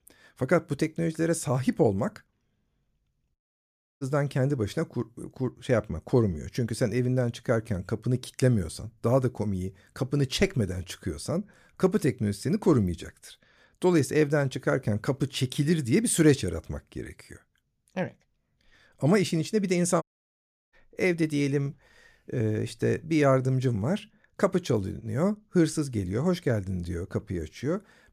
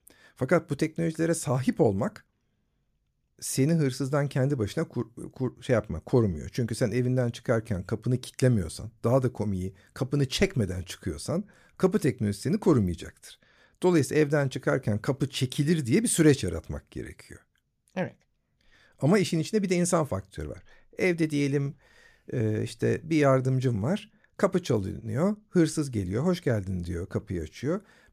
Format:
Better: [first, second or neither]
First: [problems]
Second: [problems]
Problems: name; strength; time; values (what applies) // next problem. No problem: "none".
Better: second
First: audio cutting out; at 3.5 s for 0.5 s and at 20 s for 0.5 s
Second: none